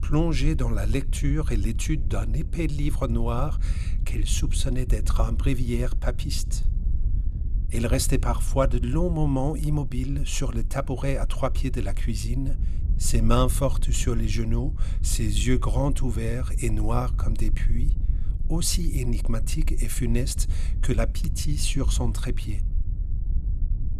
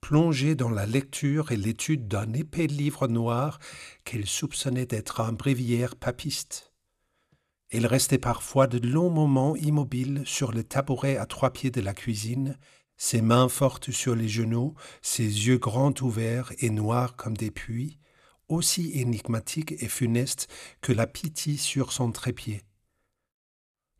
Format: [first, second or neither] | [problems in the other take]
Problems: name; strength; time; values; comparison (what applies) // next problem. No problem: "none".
second | wind noise on the microphone; occasional gusts; 15 dB below the speech